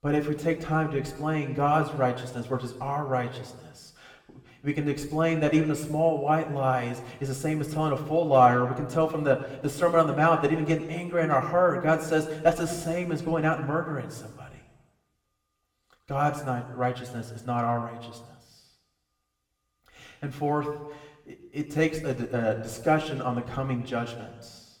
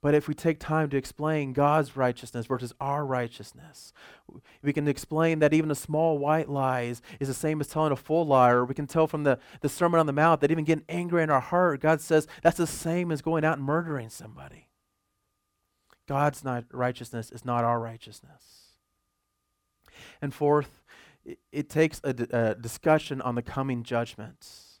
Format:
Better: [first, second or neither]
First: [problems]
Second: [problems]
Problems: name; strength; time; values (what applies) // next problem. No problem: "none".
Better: second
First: room echo; slight; dies away in 1 s // off-mic speech; somewhat distant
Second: none